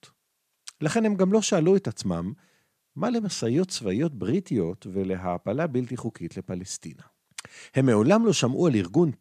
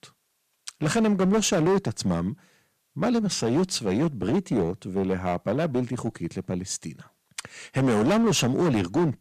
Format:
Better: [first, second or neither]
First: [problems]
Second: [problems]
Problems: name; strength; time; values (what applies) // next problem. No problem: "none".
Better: first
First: none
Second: distortion; heavy; 11% of the sound clipped